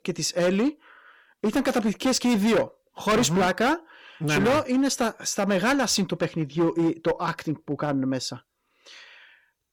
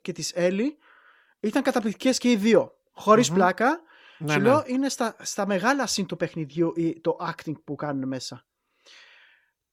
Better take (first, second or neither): second